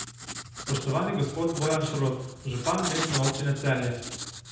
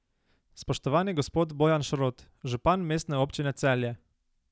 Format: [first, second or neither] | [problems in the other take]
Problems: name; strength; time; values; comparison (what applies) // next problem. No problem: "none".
second | background sound (Writing); 7 dB below the speech // room echo; dies away in 0.9 s